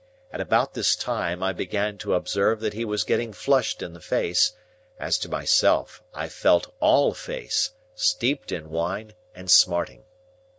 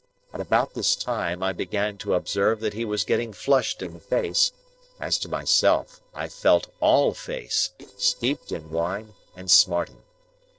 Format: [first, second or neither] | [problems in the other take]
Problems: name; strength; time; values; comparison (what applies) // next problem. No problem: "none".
first | noise reduction (neural separator model SepFormer DNS4)